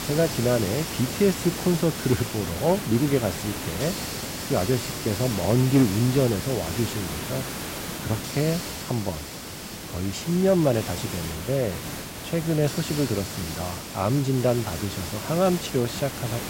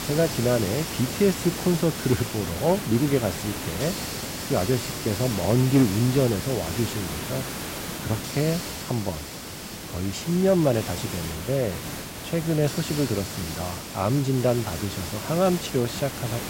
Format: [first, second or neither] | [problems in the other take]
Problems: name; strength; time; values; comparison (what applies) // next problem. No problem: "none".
neither | hiss; loud; throughout; 6 dB below the speech; the same in both